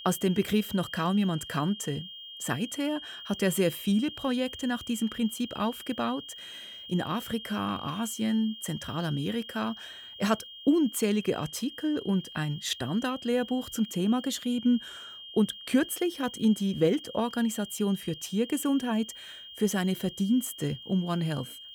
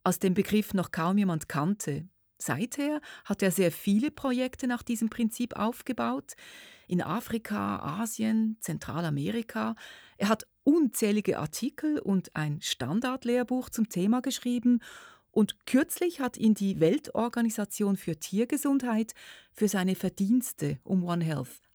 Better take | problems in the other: second | high-pitched whine; noticeable; throughout; 3 kHz, 10 dB below the speech

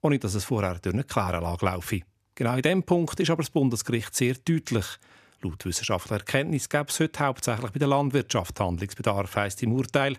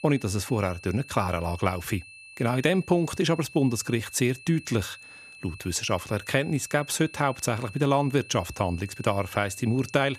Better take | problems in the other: first | high-pitched whine; noticeable; throughout; 2.5 kHz, 20 dB below the speech

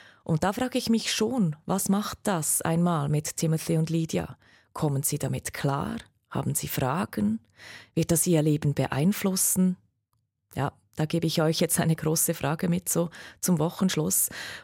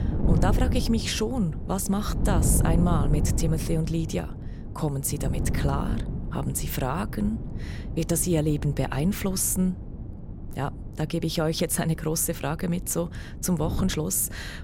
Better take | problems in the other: first | wind noise on the microphone; occasional gusts; 10 dB below the speech

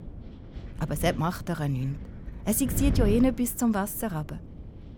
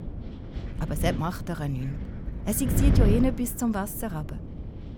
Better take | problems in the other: first | wind noise on the microphone; heavy; 8 dB below the speech; occasional gusts in the first

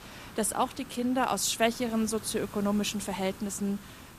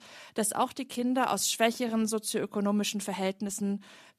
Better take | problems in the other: second | hiss; noticeable; throughout; 15 dB below the speech

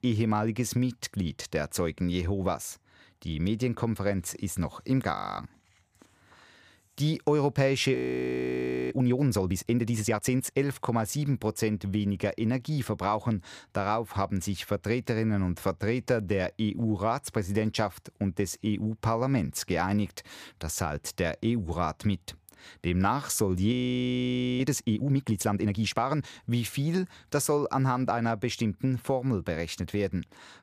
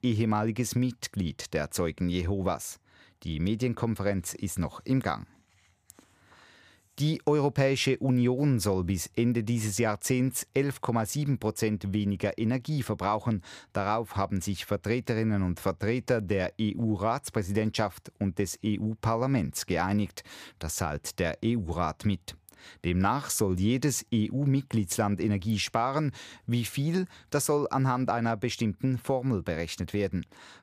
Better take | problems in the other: second | audio freezing; at 5 s, at 8 s for 1 s and at 24 s for 1 s

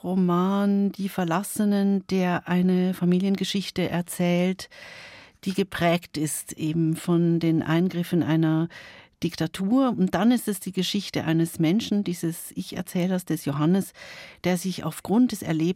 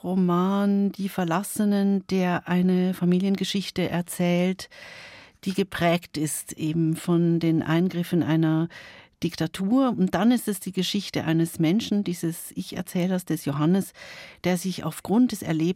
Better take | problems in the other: neither | none

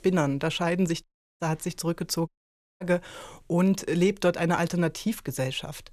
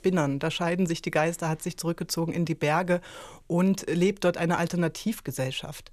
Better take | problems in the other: second | audio cutting out; at 1 s and at 2.5 s for 0.5 s

